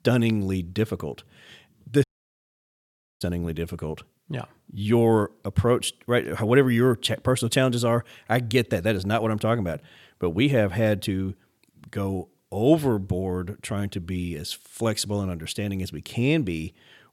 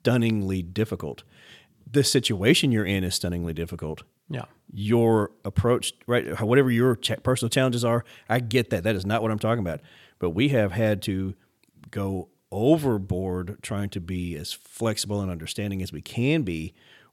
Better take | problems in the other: second | audio cutting out; at 2 s for 1 s

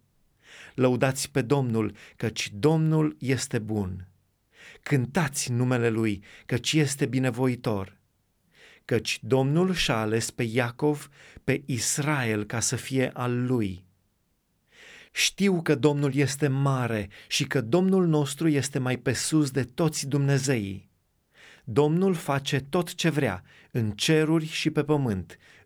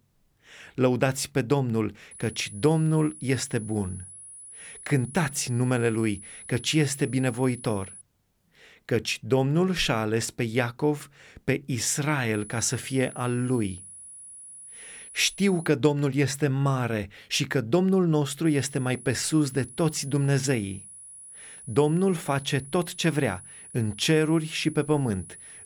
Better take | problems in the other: first | high-pitched whine; noticeable; from 2 to 8 s, from 12 to 16 s and from 18 s on; 10 kHz, 15 dB below the speech

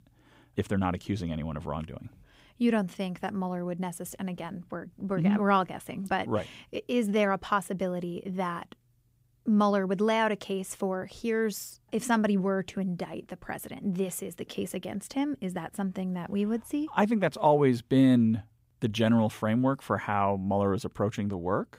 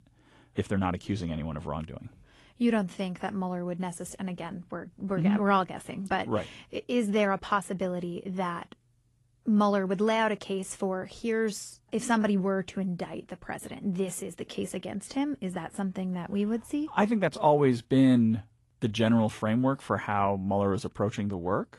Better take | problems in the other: first | garbled, watery; slightly; nothing above 11.5 kHz

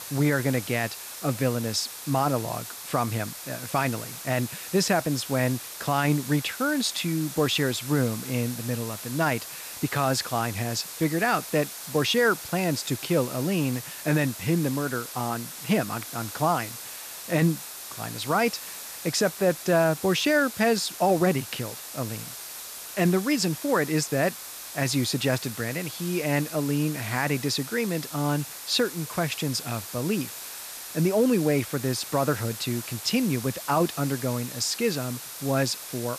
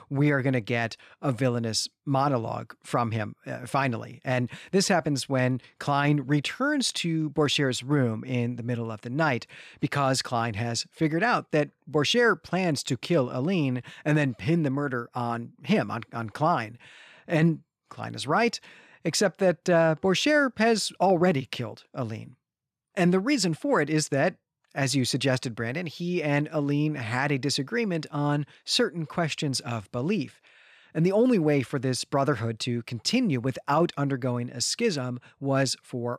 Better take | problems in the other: second | hiss; loud; throughout; 10 dB below the speech

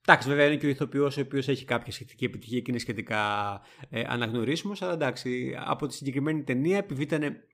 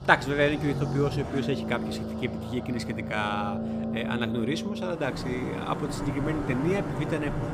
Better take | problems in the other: first | traffic noise; loud; throughout; 3 dB below the speech

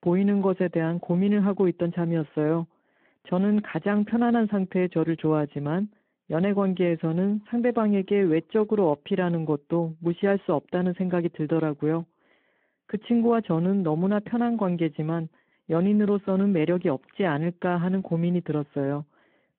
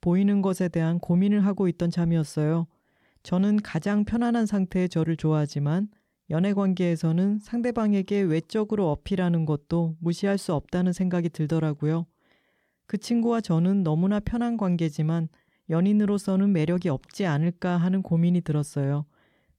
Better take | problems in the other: second | phone-call audio

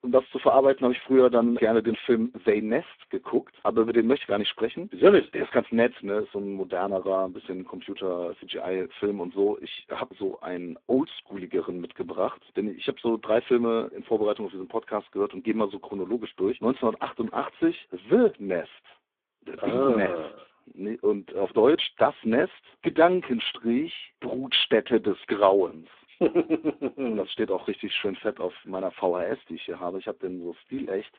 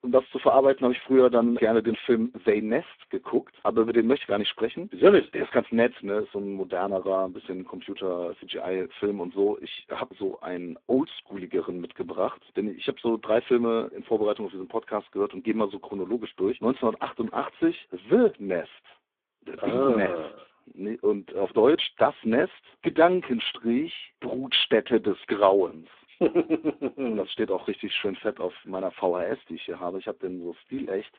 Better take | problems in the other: neither | phone-call audio; poor line; nothing above 3.5 kHz; the same in both

